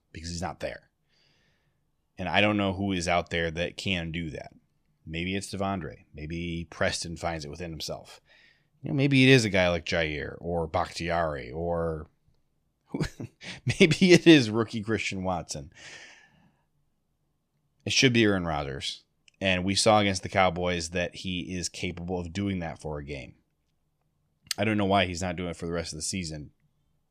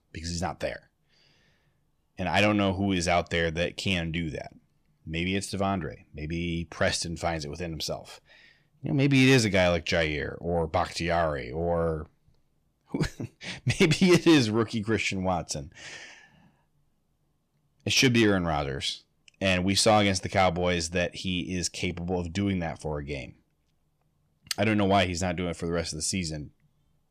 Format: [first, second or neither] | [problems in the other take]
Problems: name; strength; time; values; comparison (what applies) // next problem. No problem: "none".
first | distortion; slight; 10 dB below the speech